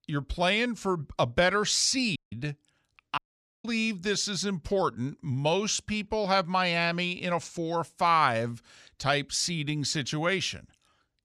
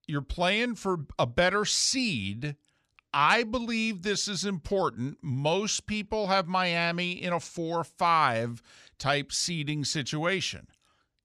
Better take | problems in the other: second | audio cutting out; at 2 s and at 3 s

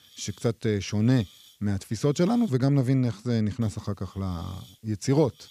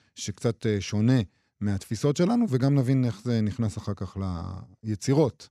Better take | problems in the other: second | hiss; faint; until 2.5 s and from 3.5 s on; 25 dB below the speech

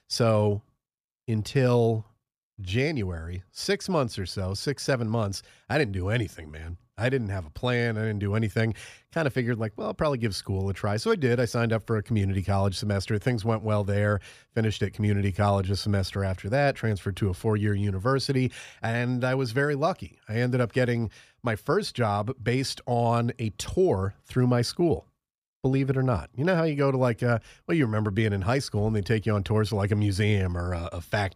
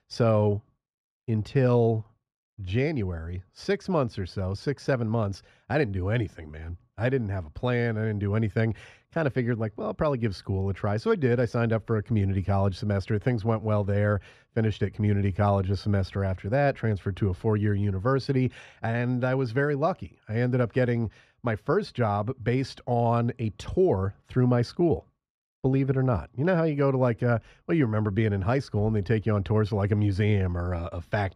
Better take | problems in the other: first | muffled; slightly; fading above 1.5 kHz

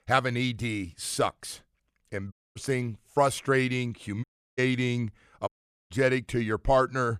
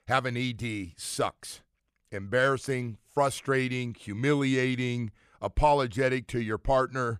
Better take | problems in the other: second | audio cutting out; at 2.5 s, at 4 s and at 5.5 s

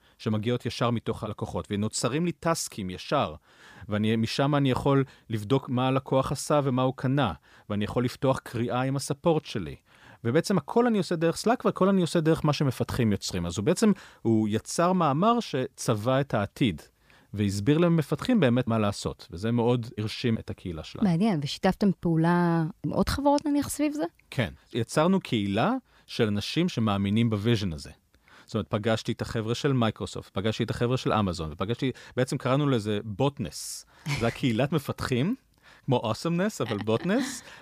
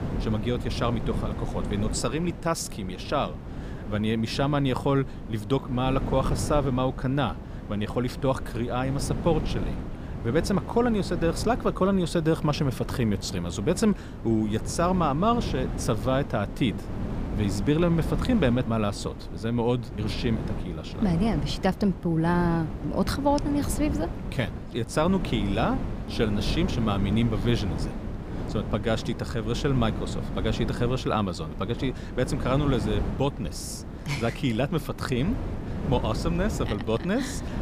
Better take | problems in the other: first | wind noise on the microphone; occasional gusts; 10 dB below the speech

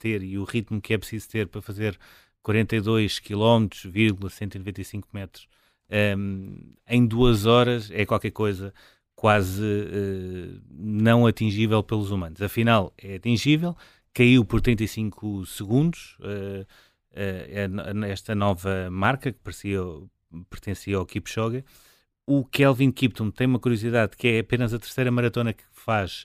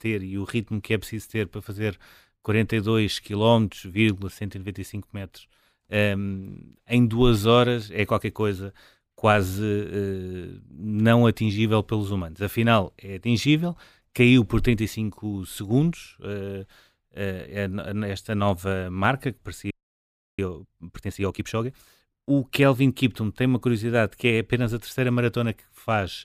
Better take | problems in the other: first | audio freezing; at 20 s for 0.5 s

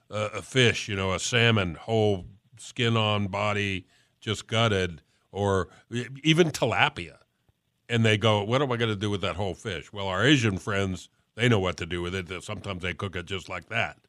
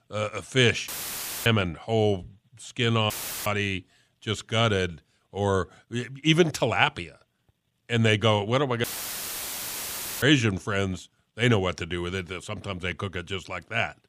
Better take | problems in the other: first | audio cutting out; filled with static; at 1 s for 0.5 s, at 3 s and at 9 s for 1.5 s

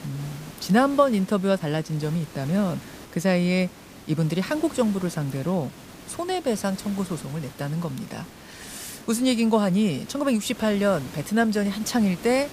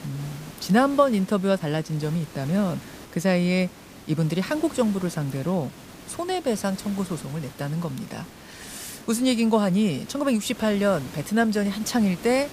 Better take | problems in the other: neither | hiss; noticeable; throughout; 15 dB below the speech; the same in both

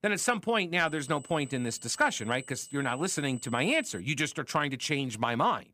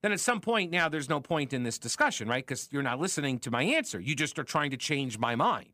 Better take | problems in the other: second | high-pitched whine; noticeable; from 1 to 4 s; 8 kHz, 20 dB below the speech

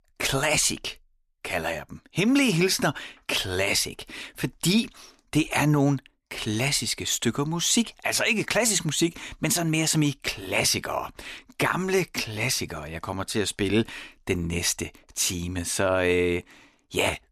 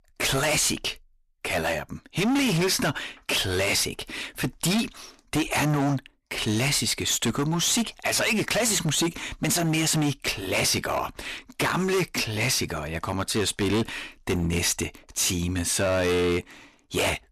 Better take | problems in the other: first | distortion; heavy; 17% of the sound clipped

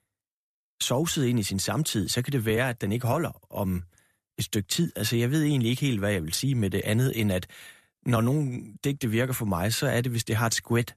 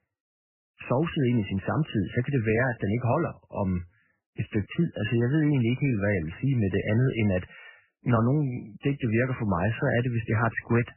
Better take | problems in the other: first | garbled, watery; badly; nothing above 3 kHz

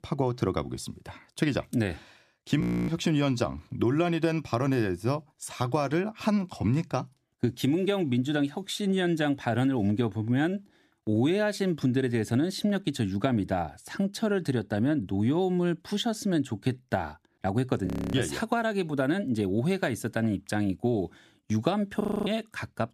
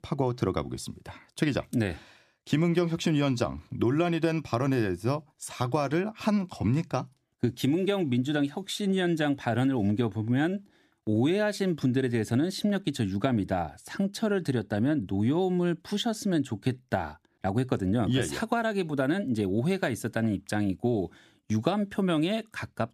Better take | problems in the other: second | audio freezing; at 2.5 s, at 18 s and at 22 s

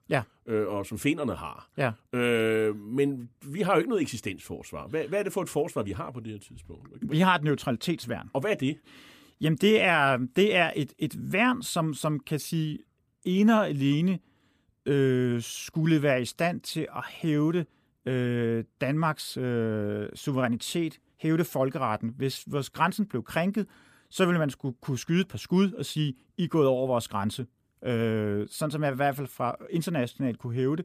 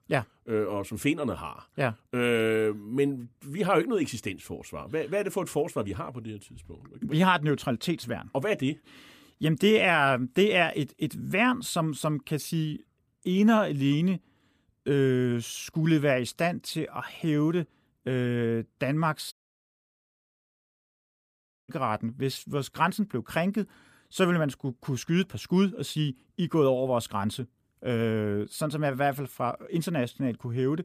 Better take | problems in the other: first | audio cutting out; at 19 s for 2.5 s

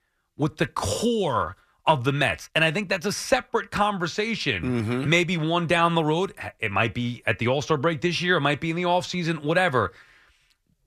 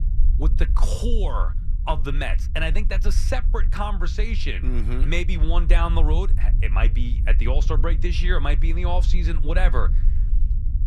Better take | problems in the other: first | low rumble; noticeable; throughout; 15 dB below the speech

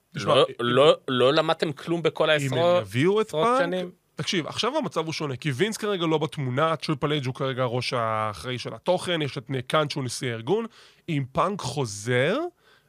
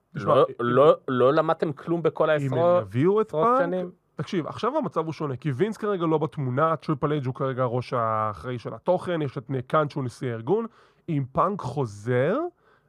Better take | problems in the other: first | muffled; very; fading above 1.5 kHz

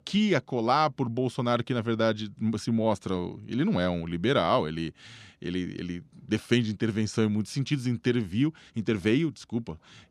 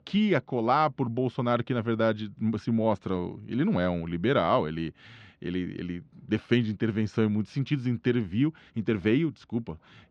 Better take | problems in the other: first | muffled; slightly; fading above 3 kHz

